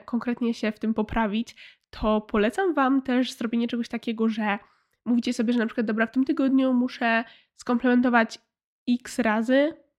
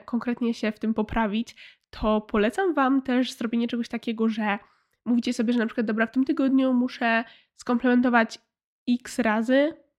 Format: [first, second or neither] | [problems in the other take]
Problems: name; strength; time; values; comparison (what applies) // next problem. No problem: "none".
neither | muffled; slightly; fading above 3.5 kHz; the same in both